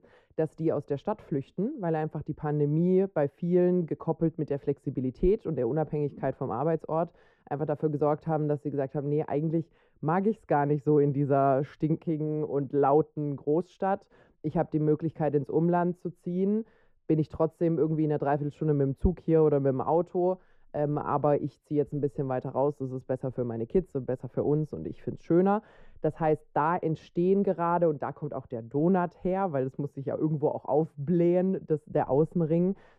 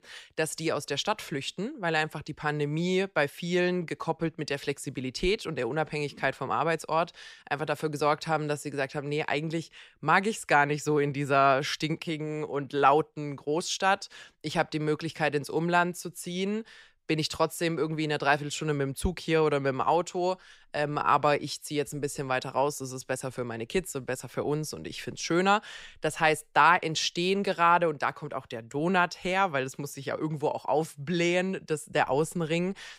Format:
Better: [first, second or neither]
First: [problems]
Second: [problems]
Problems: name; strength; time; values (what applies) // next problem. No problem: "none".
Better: second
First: muffled; very; fading above 1.5 kHz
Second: none